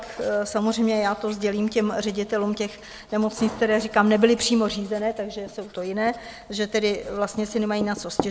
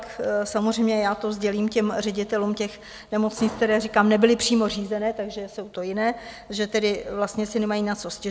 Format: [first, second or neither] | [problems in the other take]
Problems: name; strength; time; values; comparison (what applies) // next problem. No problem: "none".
second | background sound (Writing); 17 dB below the speech